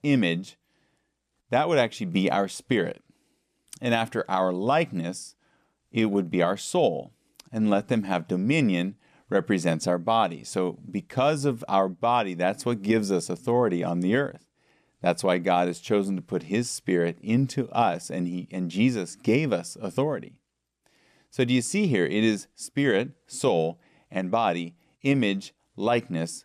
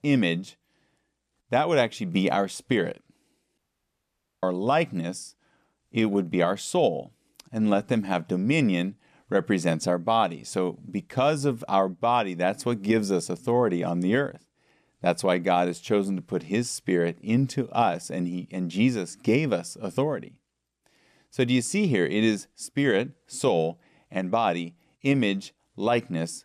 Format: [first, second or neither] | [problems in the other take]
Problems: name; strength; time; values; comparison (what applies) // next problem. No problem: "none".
first | audio cutting out; at 3.5 s for 1 s